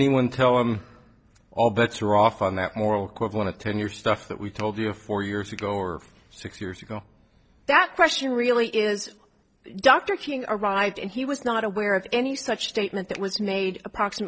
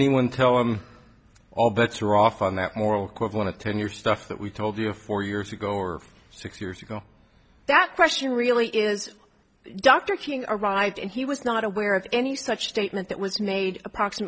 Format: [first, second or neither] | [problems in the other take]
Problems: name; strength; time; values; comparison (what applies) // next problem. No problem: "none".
second | noise reduction (neural separator model SepFormer DNS4)